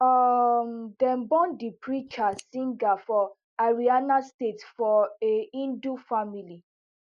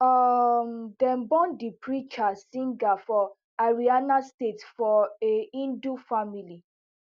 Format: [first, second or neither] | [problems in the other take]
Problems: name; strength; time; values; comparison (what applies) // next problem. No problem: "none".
second | noise reduction (neural mask model Resemble Enhance denoiser)